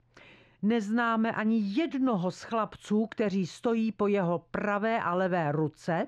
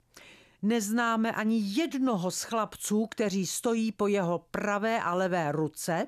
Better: second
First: muffled; slightly; fading above 3 kHz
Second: none

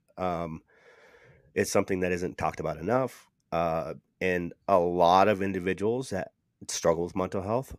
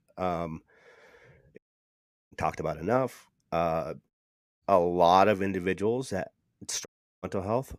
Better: first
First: none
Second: audio cutting out; at 1.5 s for 0.5 s, at 4 s for 0.5 s and at 7 s

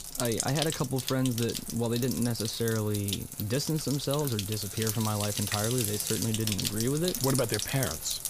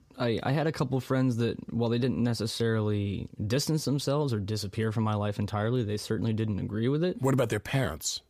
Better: second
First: household noises; loud; throughout; 2 dB below the speech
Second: none

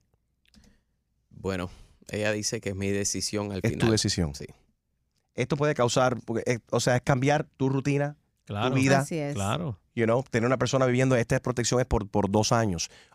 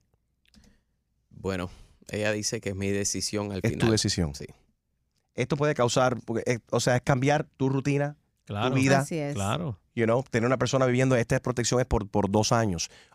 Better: neither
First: none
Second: none

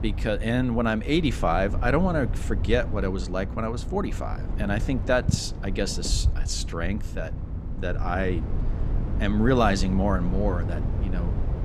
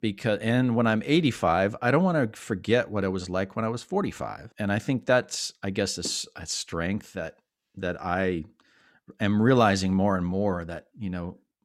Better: second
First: low rumble; noticeable; throughout; 15 dB below the speech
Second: none

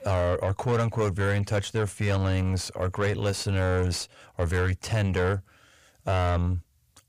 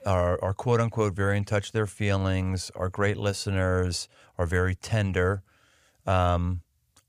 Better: second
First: distortion; slight; 10 dB below the speech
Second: none

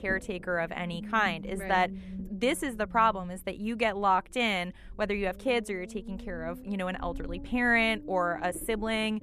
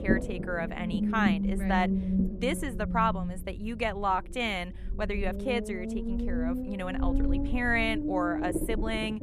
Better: first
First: low rumble; faint; throughout; 20 dB below the speech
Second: low rumble; loud; throughout; 7 dB below the speech

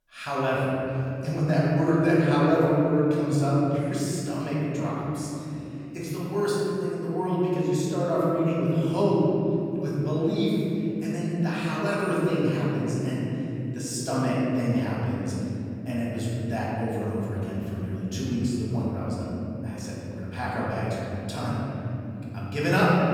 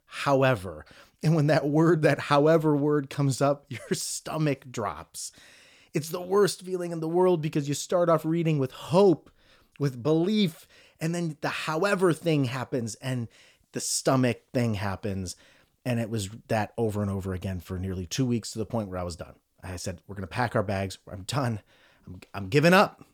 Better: second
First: room echo; strong; dies away in 3 s // off-mic speech; far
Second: none

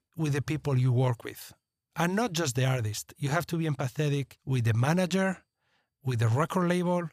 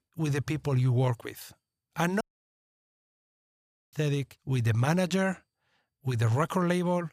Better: first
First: none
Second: audio cutting out; at 2 s for 1.5 s

